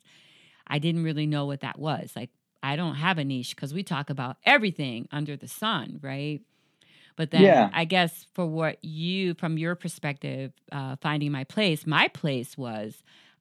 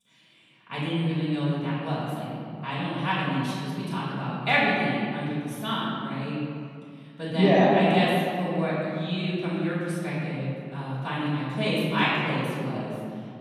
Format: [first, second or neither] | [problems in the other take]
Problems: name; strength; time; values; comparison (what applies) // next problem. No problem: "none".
first | room echo; strong; dies away in 2.2 s // off-mic speech; far